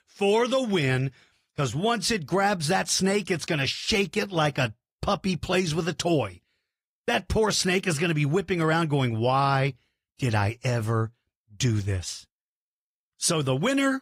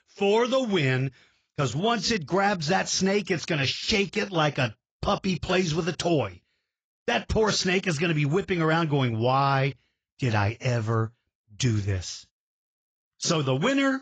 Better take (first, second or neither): first